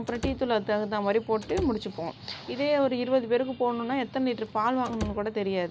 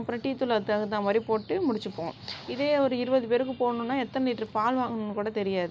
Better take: second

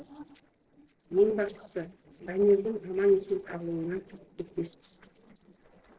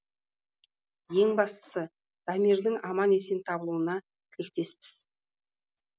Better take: second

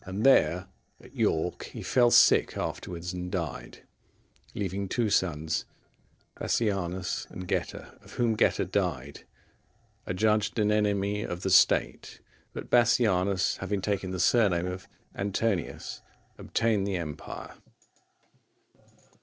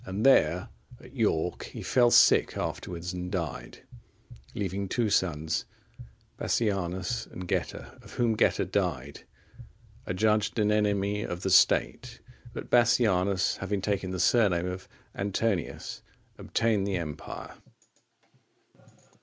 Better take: second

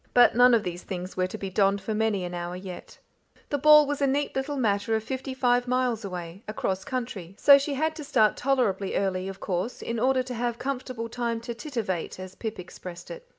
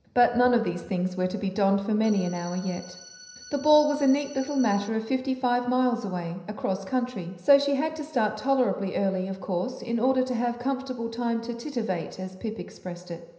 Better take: first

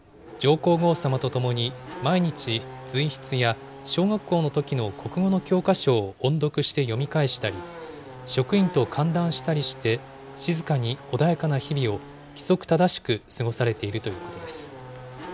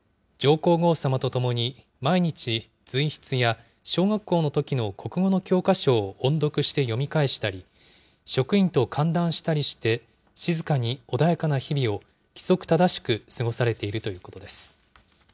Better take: second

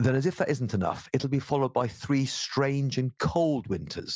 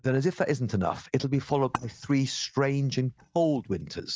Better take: first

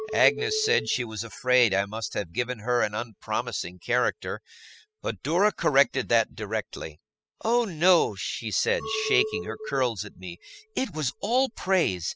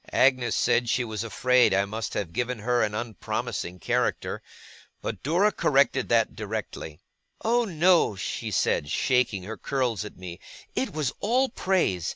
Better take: second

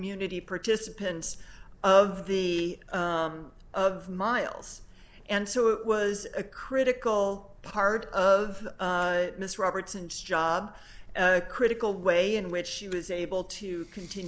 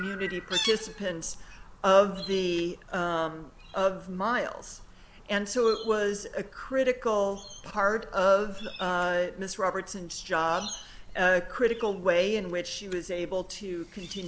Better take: first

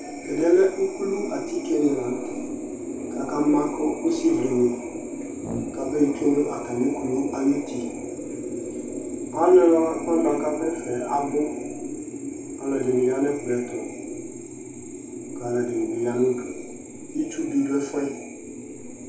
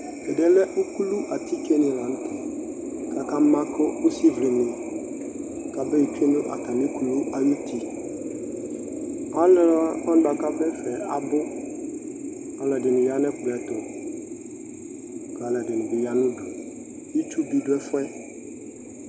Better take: second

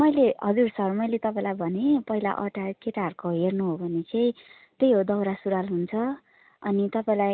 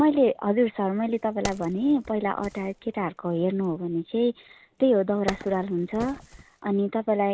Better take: first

